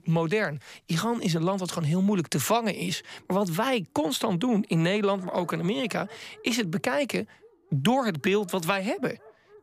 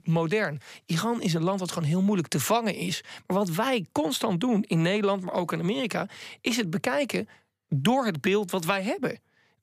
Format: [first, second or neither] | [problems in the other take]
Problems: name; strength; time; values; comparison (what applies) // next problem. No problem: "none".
second | animal sounds; faint; throughout; 30 dB below the speech